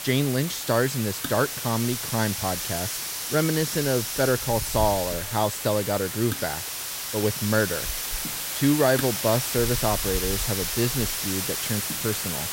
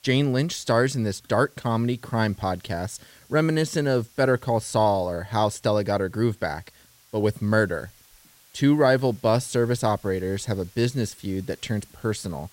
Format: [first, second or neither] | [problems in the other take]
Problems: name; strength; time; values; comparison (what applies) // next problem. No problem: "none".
second | hiss; loud; throughout; 2 dB below the speech; faint in the second